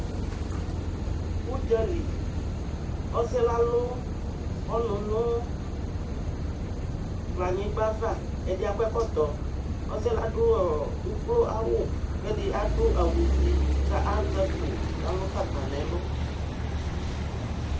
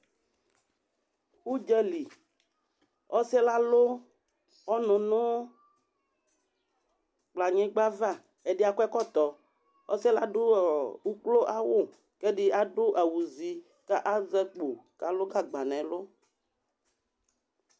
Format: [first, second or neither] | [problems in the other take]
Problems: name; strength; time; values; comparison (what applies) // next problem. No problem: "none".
second | background sound (Car passing by / Idling / Accelerating, revving, vroom); 2 dB above the speech // room echo; dies away in 0.3 s